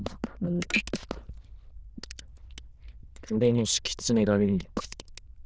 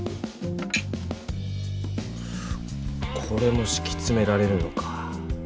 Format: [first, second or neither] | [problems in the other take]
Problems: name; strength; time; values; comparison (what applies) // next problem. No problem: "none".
second | noise reduction (neural diffusion model UNIVERSE++)